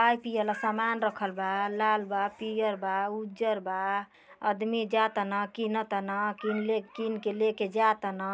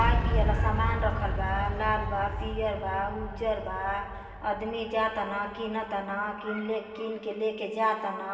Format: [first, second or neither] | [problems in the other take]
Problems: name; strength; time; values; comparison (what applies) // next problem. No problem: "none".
first | background sound (Boom); 2 dB below the speech // room echo; dies away in 2.5 s